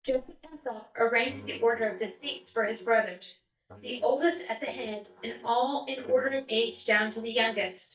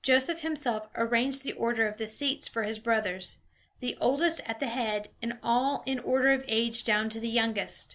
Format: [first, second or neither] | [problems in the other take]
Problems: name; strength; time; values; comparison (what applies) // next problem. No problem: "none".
second | noise reduction (neural mask model DeepFilterNet 3)